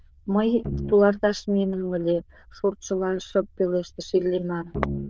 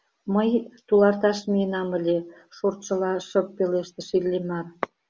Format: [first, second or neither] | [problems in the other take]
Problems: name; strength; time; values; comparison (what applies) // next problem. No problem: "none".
second | noise reduction (neural diffusion model UNIVERSE++)